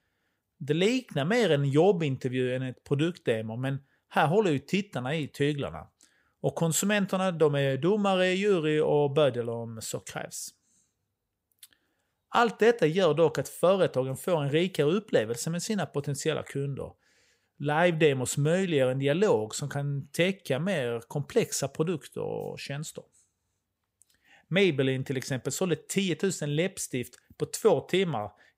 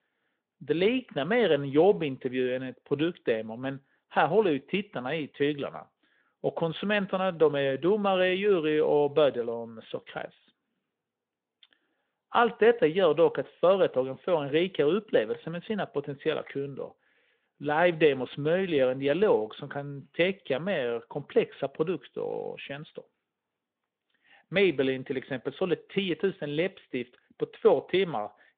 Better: first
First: none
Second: phone-call audio; nothing above 3.5 kHz

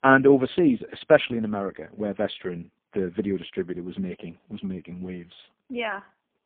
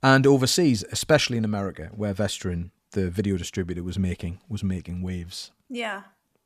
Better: second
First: phone-call audio; poor line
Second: none

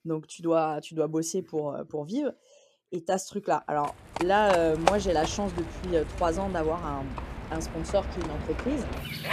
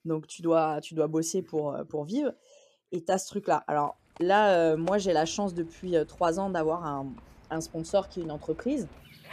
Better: second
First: animal sounds; loud; from 4.5 s on; 6 dB below the speech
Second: animal sounds; faint; from 4.5 s on; 25 dB below the speech

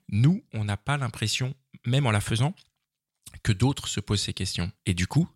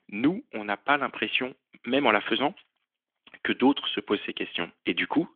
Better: first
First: none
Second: phone-call audio; nothing above 3.5 kHz

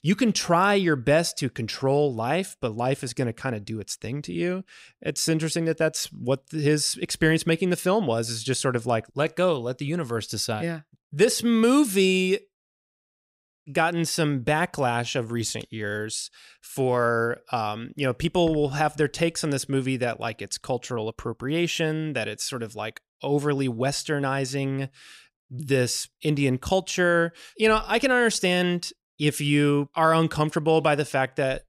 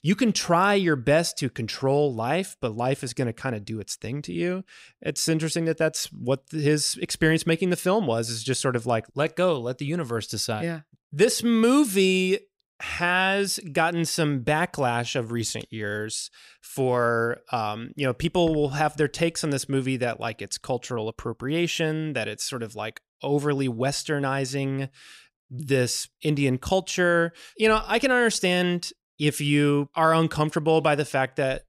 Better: second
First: audio cutting out; at 13 s for 1 s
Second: none

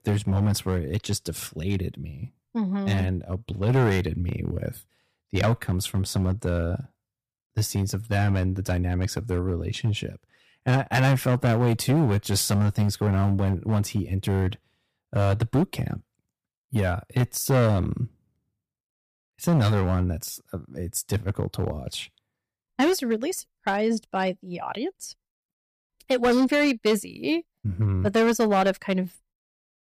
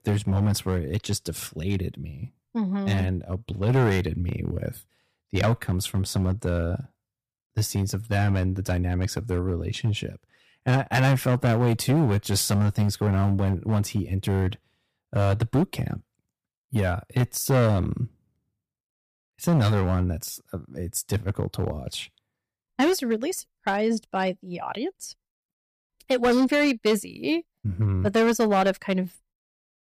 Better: neither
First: distortion; slight; 5% of the sound clipped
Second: distortion; slight; 5% of the sound clipped

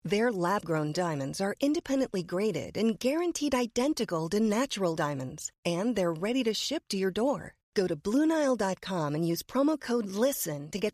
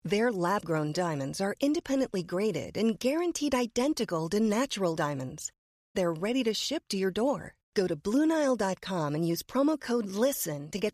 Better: first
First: none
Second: audio cutting out; at 5.5 s

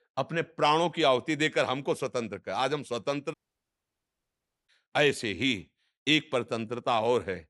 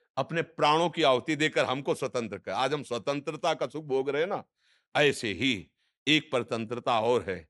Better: second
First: audio cutting out; at 3.5 s for 1.5 s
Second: none

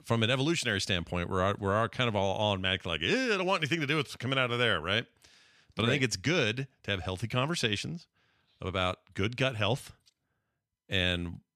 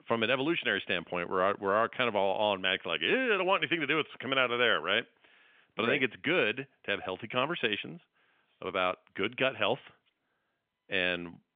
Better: first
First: none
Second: phone-call audio; nothing above 3.5 kHz

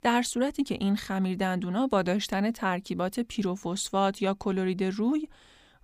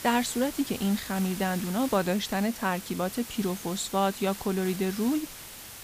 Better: first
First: none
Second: hiss; noticeable; throughout; 10 dB below the speech

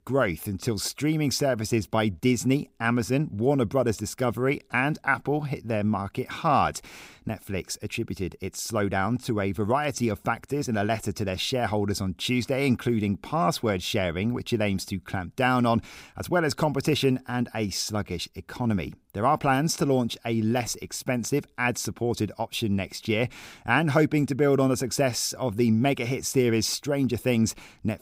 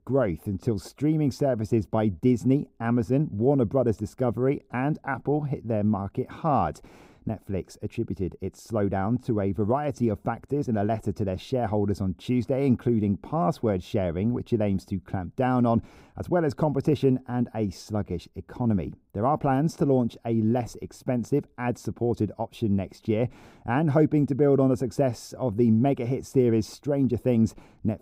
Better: first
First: none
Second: muffled; slightly; fading above 1 kHz

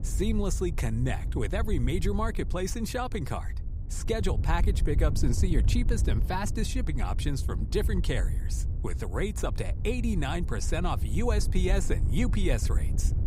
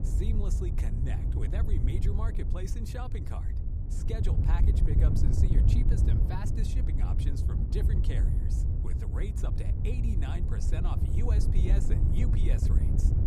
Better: first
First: wind noise on the microphone; occasional gusts; 15 dB below the speech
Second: wind noise on the microphone; heavy; as loud as the speech

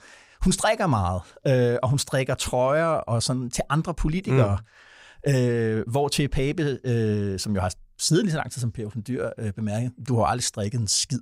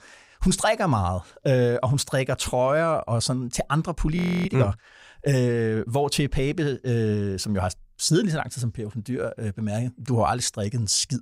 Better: first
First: none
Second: audio freezing; at 4 s

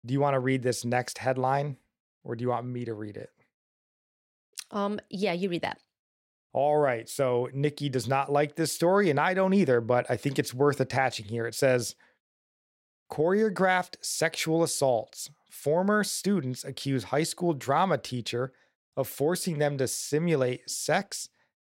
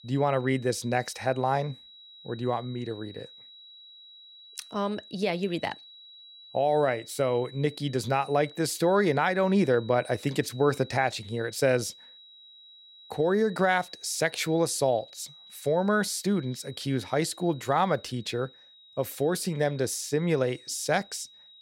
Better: first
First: none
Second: high-pitched whine; faint; throughout; 4 kHz, 20 dB below the speech

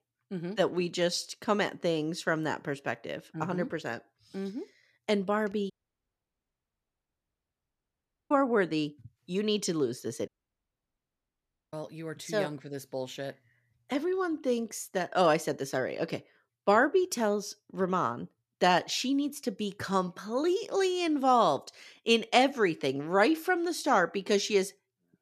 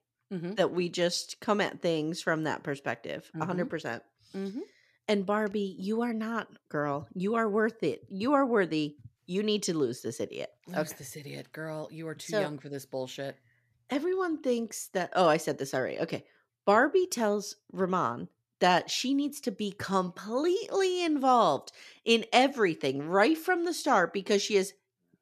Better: second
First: audio cutting out; at 5.5 s for 2.5 s and at 10 s for 1.5 s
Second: none

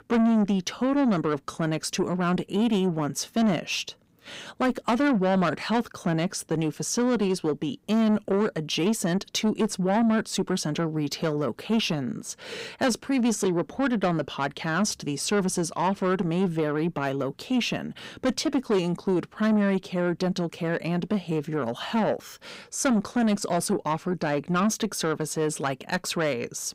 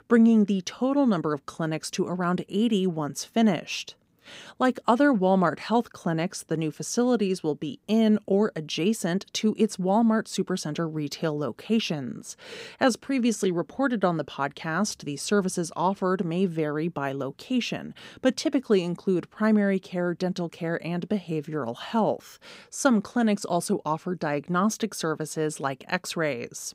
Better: second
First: distortion; slight; 10 dB below the speech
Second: none

